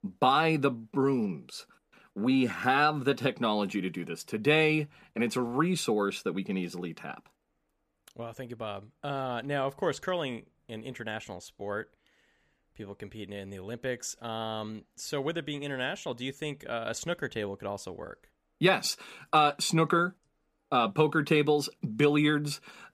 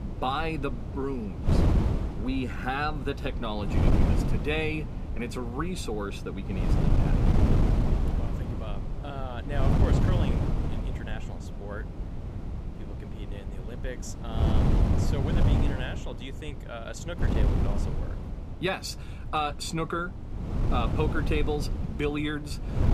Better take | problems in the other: first | wind noise on the microphone; heavy; 4 dB below the speech

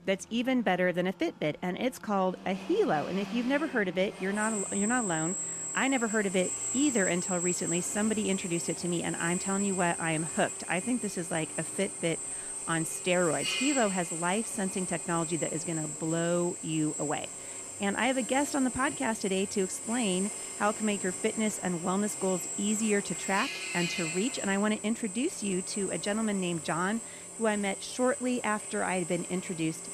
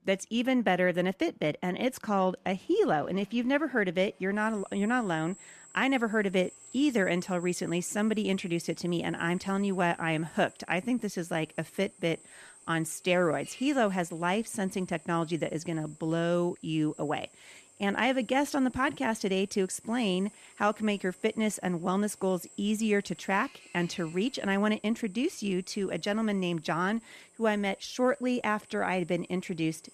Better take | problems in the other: second | machinery noise; loud; throughout; 4 dB below the speech; faint in the second

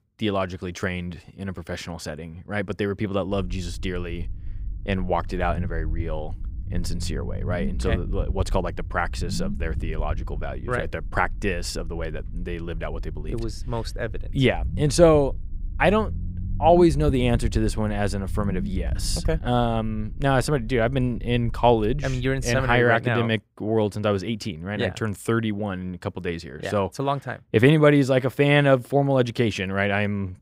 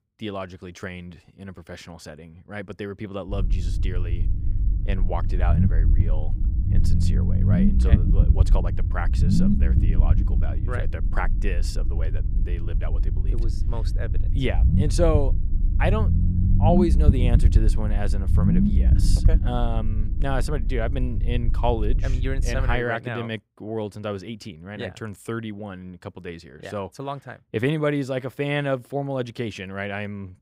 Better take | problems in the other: first | low rumble; loud; from 3.5 to 23 s; 6 dB below the speech; faint in the first

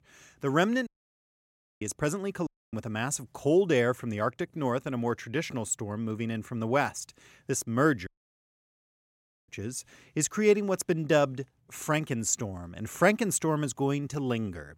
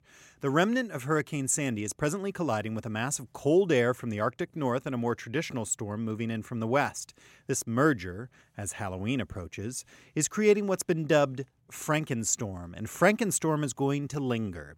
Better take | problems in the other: second | audio cutting out; at 1 s for 1 s, at 2.5 s and at 8 s for 1.5 s

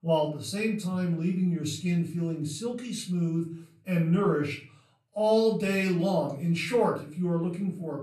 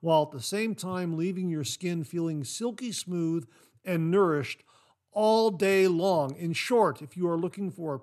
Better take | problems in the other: second | off-mic speech; far // room echo; slight; dies away in 0.4 s

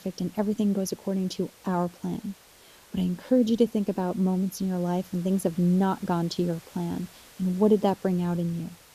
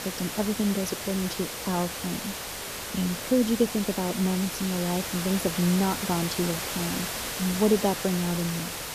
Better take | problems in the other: first | hiss; loud; throughout; 4 dB below the speech; faint in the first

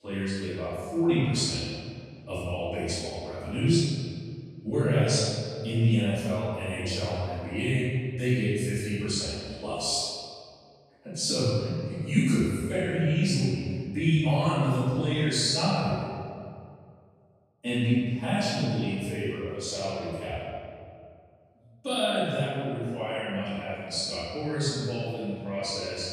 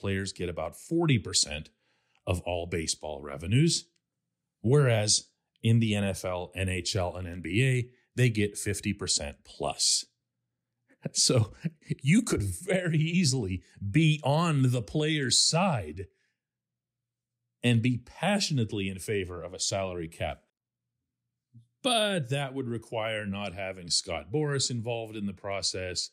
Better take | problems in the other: second | room echo; strong; dies away in 2 s // off-mic speech; far

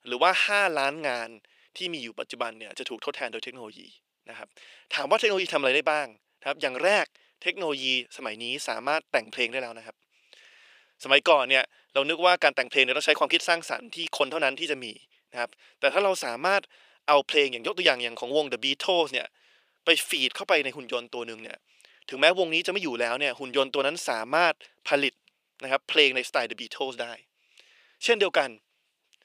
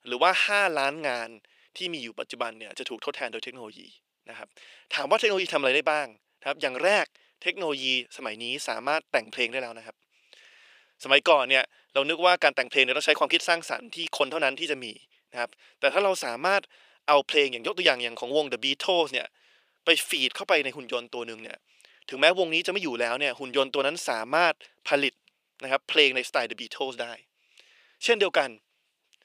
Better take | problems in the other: neither | thin; somewhat; fading below 550 Hz; the same in both

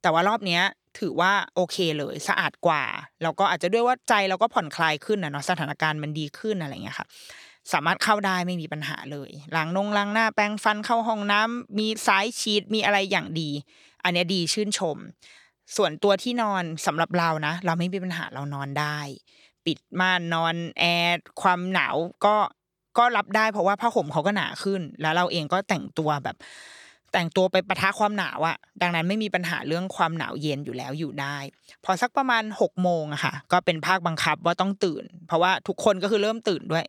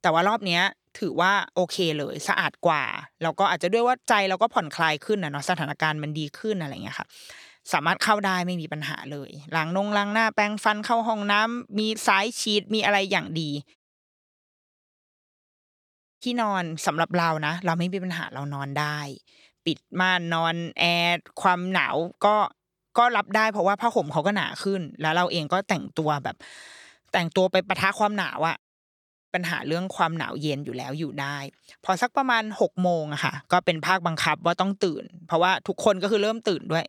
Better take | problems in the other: first | audio cutting out; at 14 s for 2.5 s and at 29 s for 0.5 s

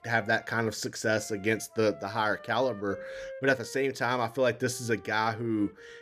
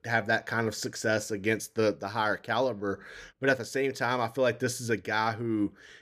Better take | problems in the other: second | background music; noticeable; throughout; 20 dB below the speech

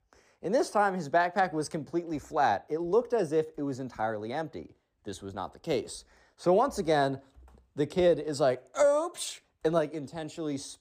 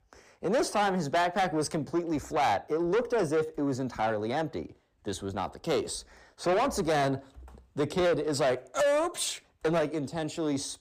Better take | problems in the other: first | distortion; heavy; 8 dB below the speech

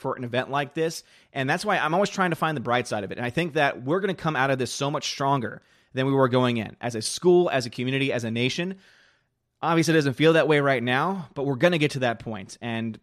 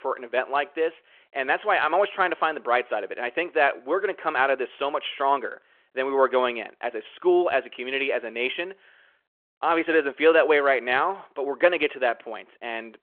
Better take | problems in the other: first | phone-call audio

